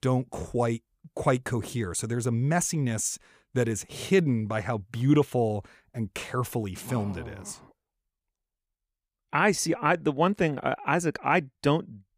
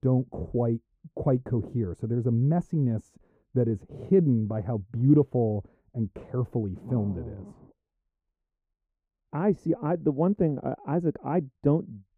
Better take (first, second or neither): first